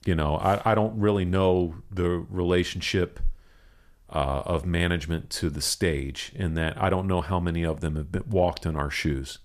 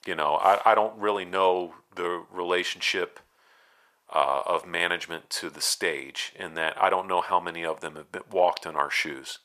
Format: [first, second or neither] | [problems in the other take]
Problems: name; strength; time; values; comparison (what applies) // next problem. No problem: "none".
first | thin; very; fading below 600 Hz